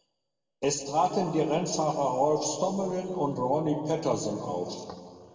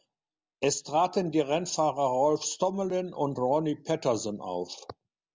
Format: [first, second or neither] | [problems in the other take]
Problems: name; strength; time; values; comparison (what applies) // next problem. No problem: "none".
second | room echo; dies away in 2.3 s